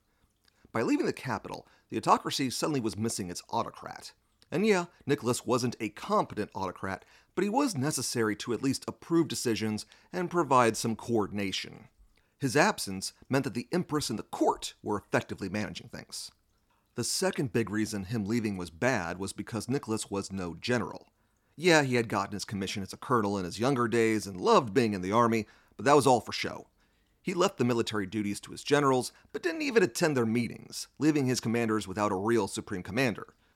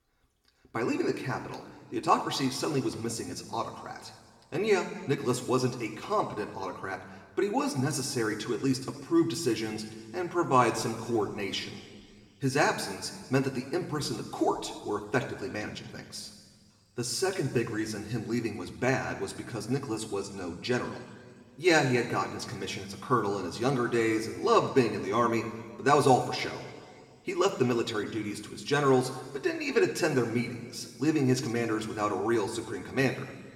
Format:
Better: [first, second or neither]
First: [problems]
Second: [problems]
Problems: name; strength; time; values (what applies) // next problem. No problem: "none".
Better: first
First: none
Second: room echo; slight; dies away in 1.8 s // off-mic speech; somewhat distant